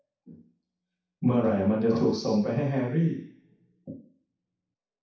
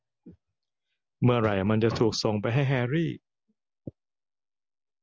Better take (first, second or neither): second